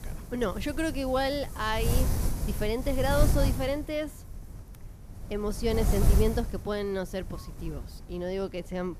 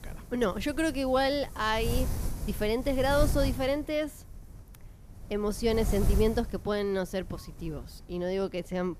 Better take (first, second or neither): second